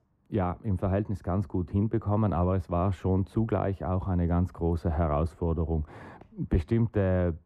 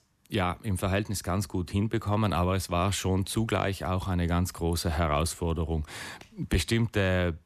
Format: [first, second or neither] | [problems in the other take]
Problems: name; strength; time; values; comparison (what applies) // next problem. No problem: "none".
second | muffled; very; fading above 2 kHz